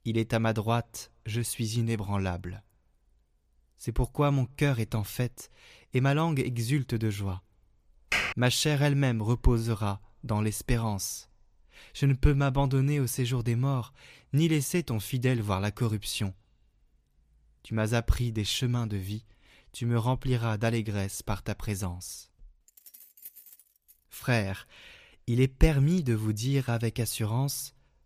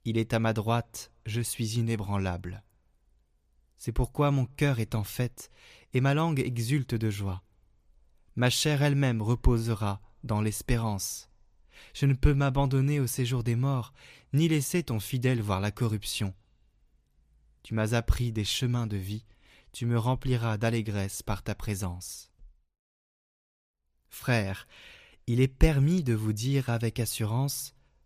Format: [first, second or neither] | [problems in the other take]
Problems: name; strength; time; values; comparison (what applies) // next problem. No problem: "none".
second | keyboard typing; loud; at 8 s; peak 1 dB above the speech // jangling keys; faint; from 23 to 24 s; peak 15 dB below the speech